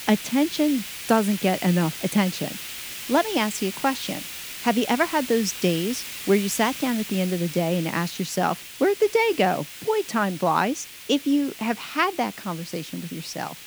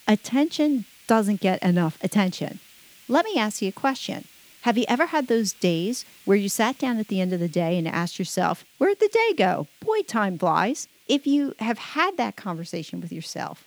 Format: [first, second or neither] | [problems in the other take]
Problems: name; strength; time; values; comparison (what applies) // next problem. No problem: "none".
second | hiss; loud; throughout; 10 dB below the speech; faint in the second